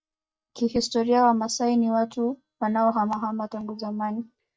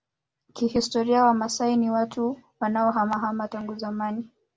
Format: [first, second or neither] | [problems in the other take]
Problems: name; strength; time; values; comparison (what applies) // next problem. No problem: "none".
second | noise reduction (neural mask model DeepFilterNet 3)